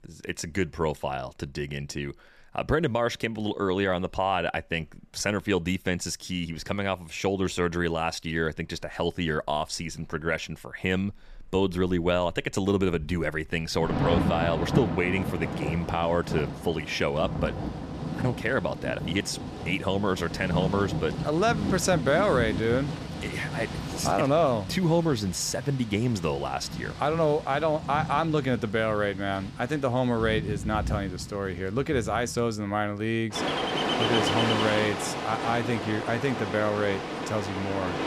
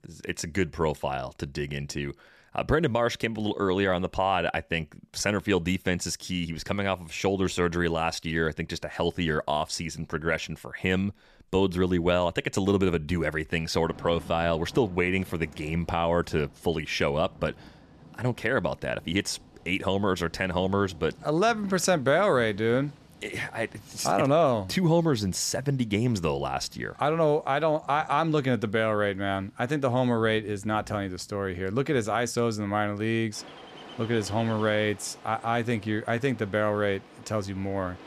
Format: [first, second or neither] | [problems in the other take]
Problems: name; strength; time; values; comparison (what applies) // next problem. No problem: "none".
second | rain or running water; loud; throughout; 5 dB below the speech; faint in the second